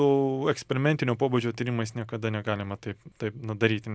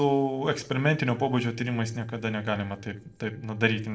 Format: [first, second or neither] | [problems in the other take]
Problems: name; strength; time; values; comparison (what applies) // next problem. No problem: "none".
first | noise reduction (neural separator model SepFormer DNS4)